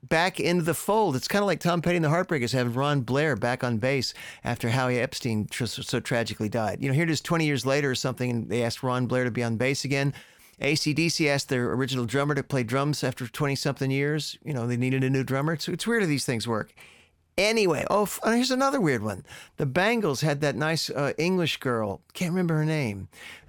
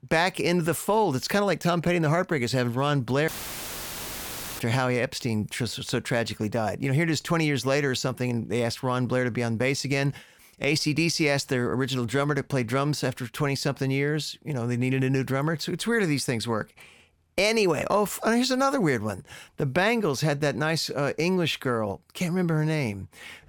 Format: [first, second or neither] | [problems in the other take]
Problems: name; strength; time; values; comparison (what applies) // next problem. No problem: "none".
first | audio cutting out; filled with static; at 3.5 s for 1.5 s